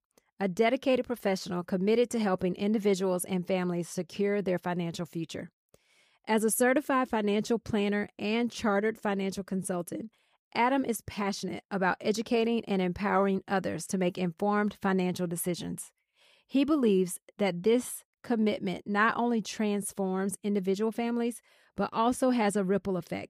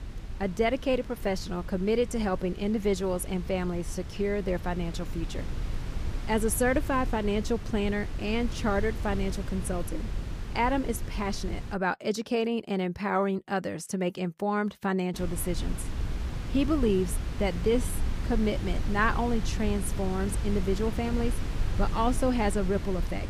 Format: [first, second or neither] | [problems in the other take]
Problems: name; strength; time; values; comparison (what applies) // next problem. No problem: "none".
first | wind noise on the microphone; occasional gusts; until 12 s and from 15 s on; 15 dB below the speech